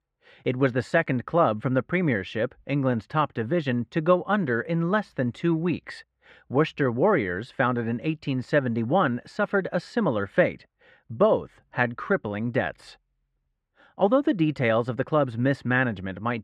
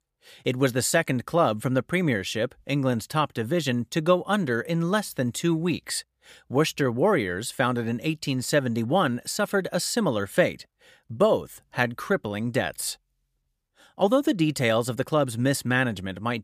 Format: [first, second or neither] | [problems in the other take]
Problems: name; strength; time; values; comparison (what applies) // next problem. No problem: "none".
second | muffled; very; fading above 2 kHz